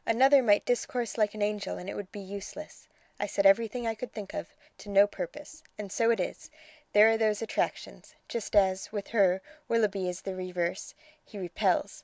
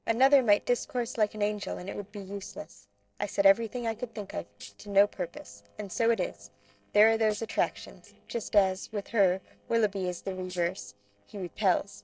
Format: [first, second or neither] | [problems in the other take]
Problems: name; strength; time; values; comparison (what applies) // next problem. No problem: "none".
first | noise reduction (neural separator model SepFormer DNS4)